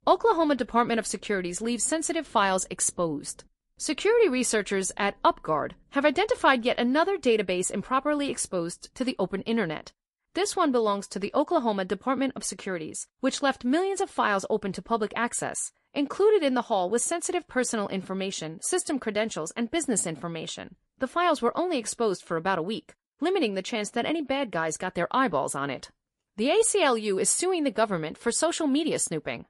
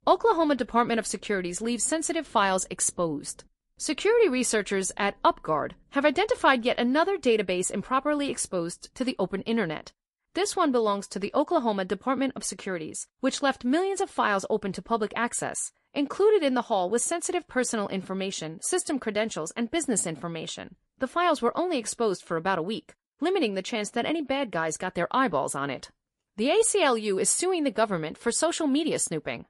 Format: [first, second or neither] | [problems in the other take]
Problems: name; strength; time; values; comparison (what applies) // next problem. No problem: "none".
neither | garbled, watery; slightly; nothing above 11 kHz; the same in both